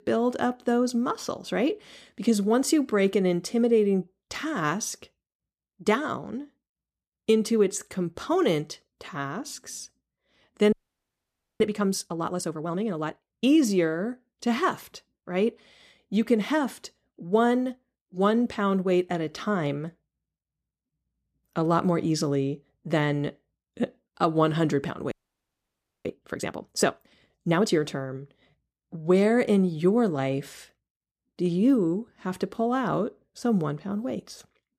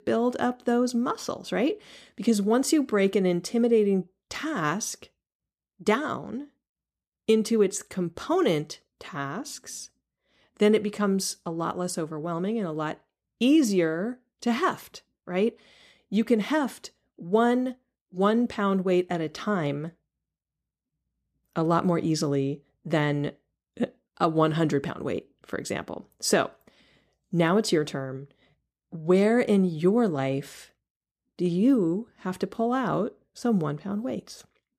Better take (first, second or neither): second